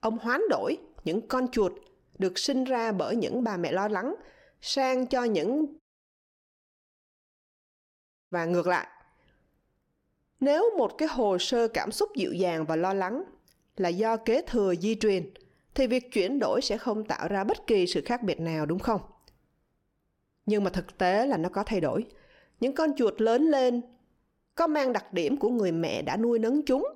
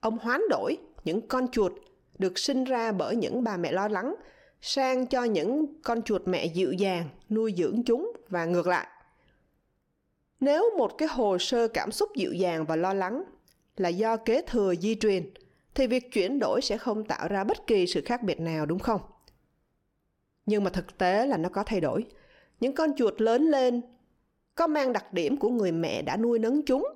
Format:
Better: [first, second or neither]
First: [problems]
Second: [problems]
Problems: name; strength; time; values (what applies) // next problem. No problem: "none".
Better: second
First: audio cutting out; at 6 s for 2.5 s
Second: none